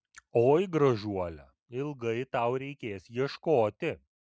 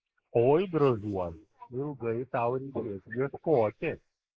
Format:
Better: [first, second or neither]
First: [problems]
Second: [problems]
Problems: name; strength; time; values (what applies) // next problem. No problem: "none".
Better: first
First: none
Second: noise reduction (neural mask model Resemble Enhance denoiser)